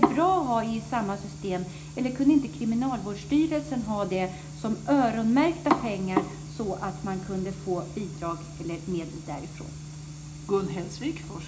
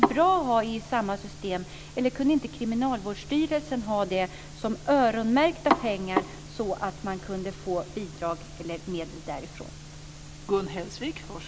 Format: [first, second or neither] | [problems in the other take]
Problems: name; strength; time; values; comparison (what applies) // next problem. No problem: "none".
second | room echo; dies away in 0.4 s